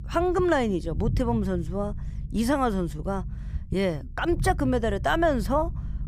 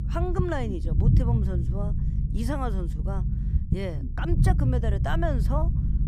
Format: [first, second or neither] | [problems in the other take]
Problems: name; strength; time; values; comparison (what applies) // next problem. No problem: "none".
first | low rumble; loud; throughout; 6 dB below the speech; faint in the first